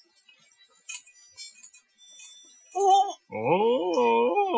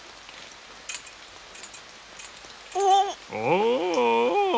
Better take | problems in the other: second | noise reduction (classical method Wiener filter)

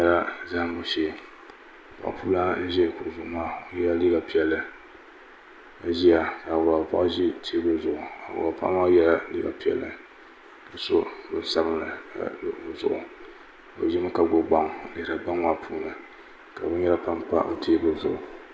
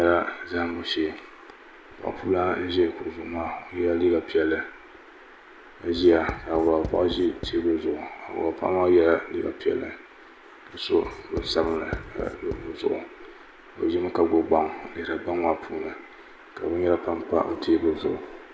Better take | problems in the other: first | background sound (Writing); 12 dB below the speech

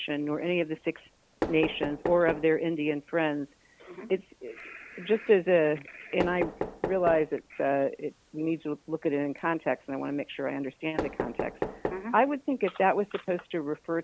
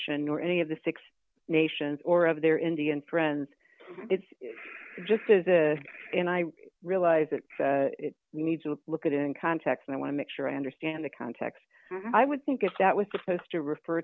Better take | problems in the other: second | background sound (Knock); 10 dB below the speech

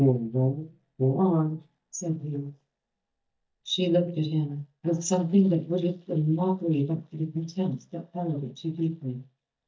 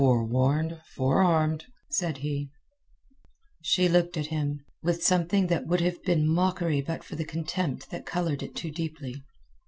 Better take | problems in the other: second | noise reduction (neural mask model DeepFilterNet 3)

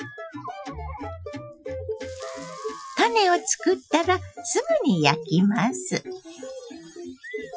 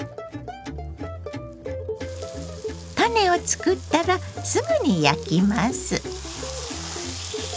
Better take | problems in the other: second | noise reduction (classical method Wiener filter)

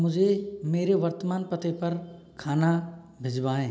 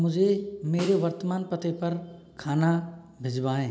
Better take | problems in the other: first | background sound (Snare drum); 18 dB below the speech

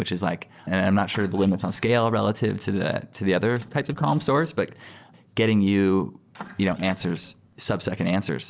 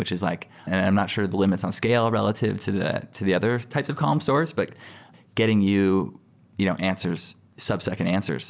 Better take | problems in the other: second | noise reduction (neural separator model SepFormer DNS4)

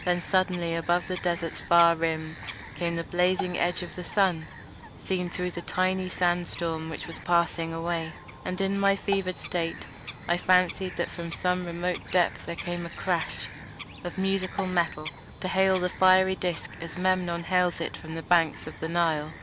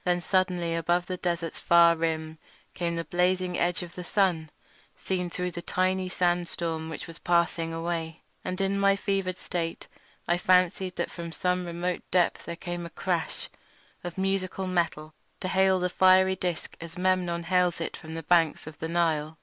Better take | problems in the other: second | background sound (Marimba, xylophone + Bird vocalization, bird call, bird song); 13 dB below the speech

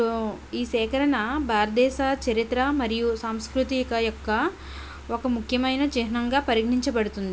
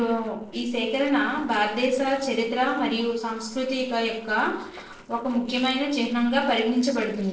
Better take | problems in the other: first | noise reduction (neural separator model SepFormer DNS4)

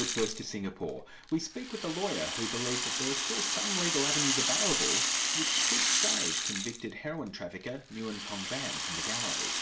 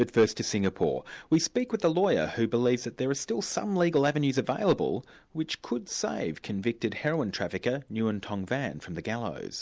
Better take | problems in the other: second | background sound (Rattle (instrument)); 4 dB above the speech // room echo; dies away in 0.3 s

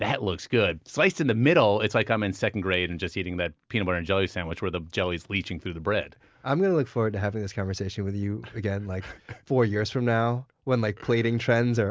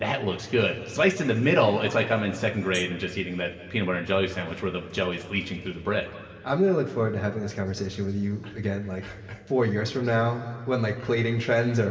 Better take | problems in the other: first | background sound (Hi-hat); 16 dB below the speech // room echo; dies away in 2.3 s

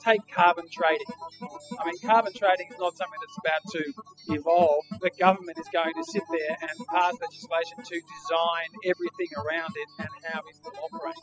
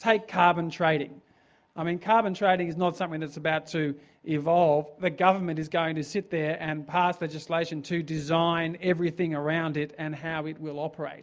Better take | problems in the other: second | noise reduction (classical method spectral subtraction)

